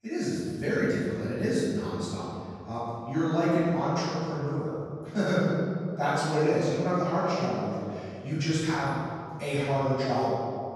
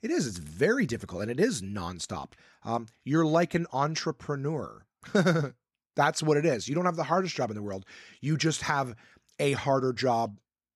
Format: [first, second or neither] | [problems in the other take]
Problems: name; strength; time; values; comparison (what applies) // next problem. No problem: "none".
second | room echo; strong; dies away in 2.2 s // off-mic speech; far